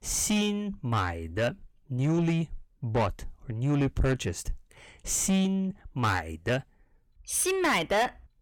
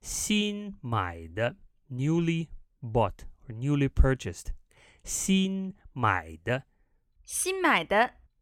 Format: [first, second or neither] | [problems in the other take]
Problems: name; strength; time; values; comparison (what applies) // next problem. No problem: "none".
second | distortion; heavy; 6 dB below the speech